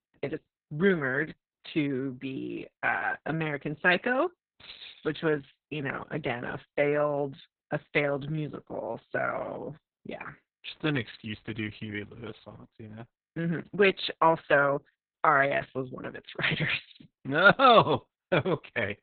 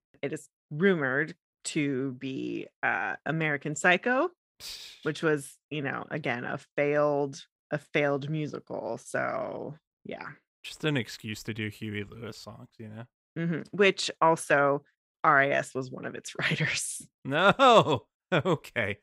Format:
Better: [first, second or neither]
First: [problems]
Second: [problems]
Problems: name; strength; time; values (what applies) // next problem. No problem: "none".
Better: second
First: garbled, watery; badly; nothing above 4 kHz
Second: none